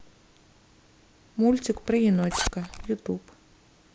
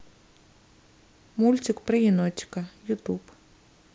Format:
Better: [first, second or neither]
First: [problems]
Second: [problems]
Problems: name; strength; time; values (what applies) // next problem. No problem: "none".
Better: second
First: background sound (Zipper (clothing)); 6 dB below the speech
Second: none